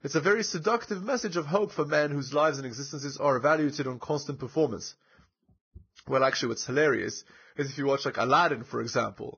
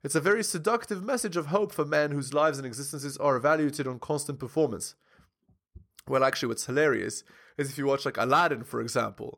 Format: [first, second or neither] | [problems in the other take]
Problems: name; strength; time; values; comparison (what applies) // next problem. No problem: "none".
second | garbled, watery; badly; nothing above 6.5 kHz